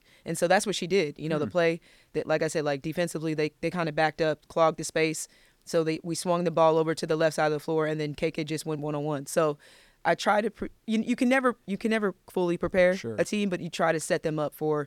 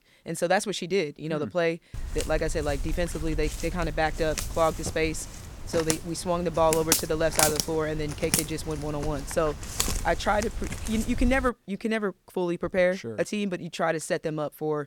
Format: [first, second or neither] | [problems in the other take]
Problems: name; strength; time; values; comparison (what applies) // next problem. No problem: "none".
first | footsteps; loud; from 2 to 11 s; peak 5 dB above the speech